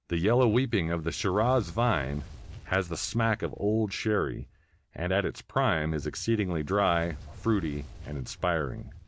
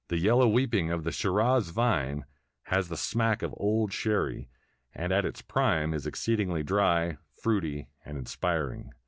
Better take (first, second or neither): second